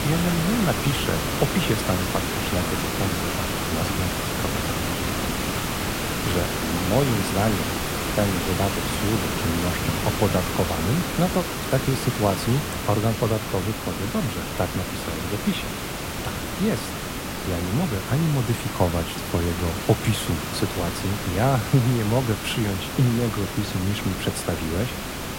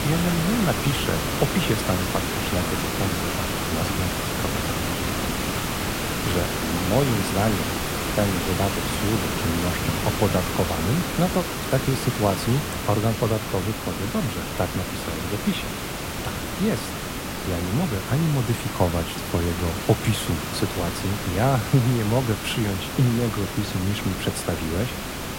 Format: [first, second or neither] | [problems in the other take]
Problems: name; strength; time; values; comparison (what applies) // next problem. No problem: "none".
neither | hiss; loud; throughout; 1 dB below the speech; the same in both